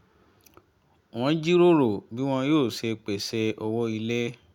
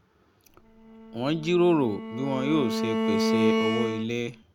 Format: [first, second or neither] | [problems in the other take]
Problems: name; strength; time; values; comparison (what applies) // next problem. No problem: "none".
first | background sound (Bowed string instrument); as loud as the speech